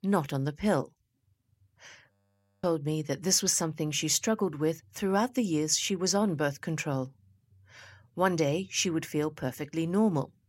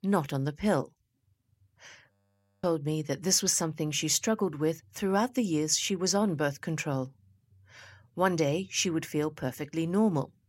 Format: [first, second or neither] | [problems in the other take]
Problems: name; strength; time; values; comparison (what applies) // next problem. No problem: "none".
neither | audio freezing; at 2 s for 0.5 s; the same in both